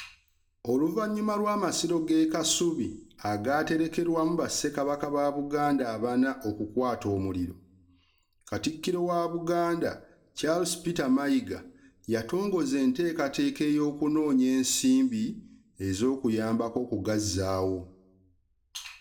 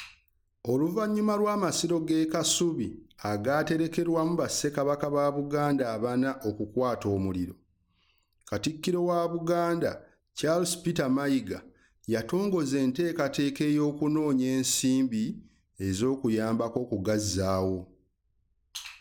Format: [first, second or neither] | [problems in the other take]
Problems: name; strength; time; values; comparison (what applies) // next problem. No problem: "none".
second | room echo; dies away in 0.4 s